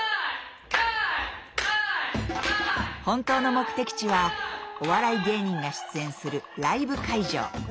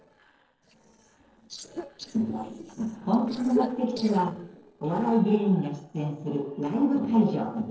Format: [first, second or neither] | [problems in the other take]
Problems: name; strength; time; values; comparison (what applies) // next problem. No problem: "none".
first | noise reduction (neural separator model SepFormer DNS4)